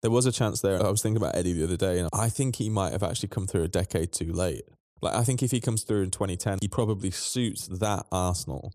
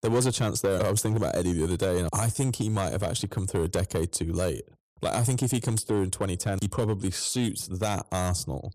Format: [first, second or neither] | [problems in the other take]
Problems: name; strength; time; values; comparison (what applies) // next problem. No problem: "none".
first | distortion; slight; 5% of the sound clipped